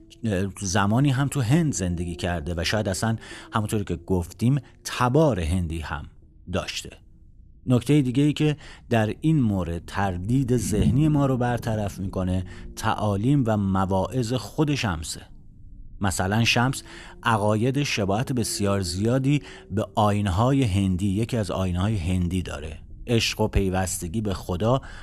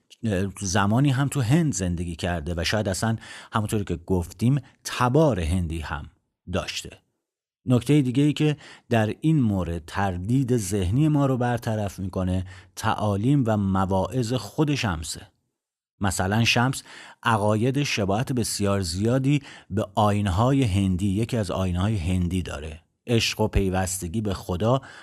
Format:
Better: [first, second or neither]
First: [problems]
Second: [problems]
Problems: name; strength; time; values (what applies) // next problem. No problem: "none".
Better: second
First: low rumble; noticeable; throughout; 20 dB below the speech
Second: none